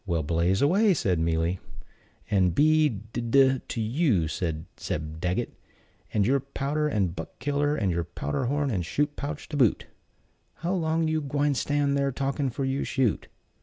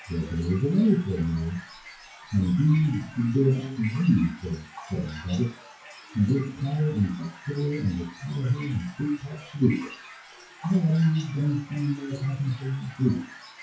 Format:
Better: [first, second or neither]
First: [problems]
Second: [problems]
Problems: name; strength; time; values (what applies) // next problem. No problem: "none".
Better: first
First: none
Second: noise reduction (classical method WPE with log-MMSE)